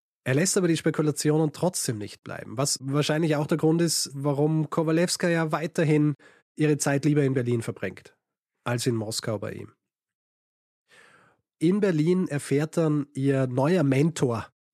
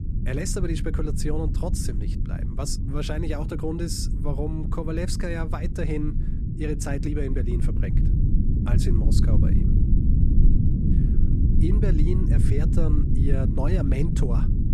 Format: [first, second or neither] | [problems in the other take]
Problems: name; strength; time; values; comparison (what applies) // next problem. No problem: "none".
first | low rumble; loud; throughout; 3 dB below the speech